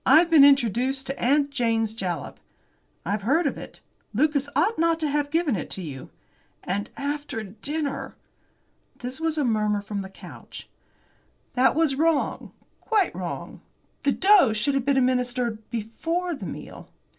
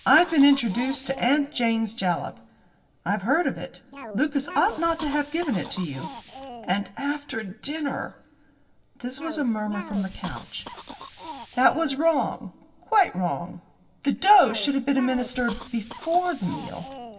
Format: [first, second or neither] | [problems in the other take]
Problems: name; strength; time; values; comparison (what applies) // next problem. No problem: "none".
first | background sound (Cough); 16 dB below the speech // room echo; dies away in 0.7 s